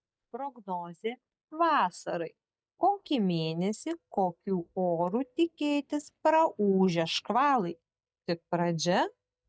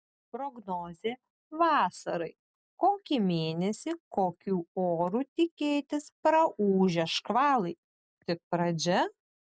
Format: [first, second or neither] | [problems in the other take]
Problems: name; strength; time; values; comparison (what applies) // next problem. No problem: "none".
second | noise reduction (neural mask model DeepFilterNet 3)